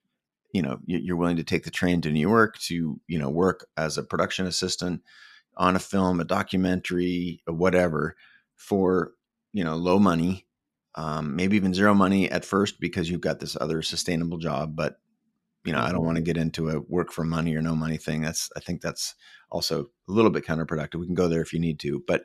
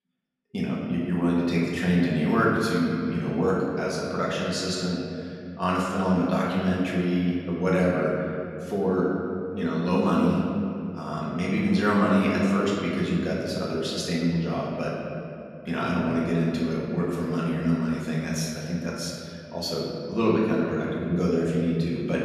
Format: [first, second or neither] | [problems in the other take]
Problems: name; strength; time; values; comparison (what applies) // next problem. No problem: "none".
first | off-mic speech; far // room echo; noticeable; dies away in 2.4 s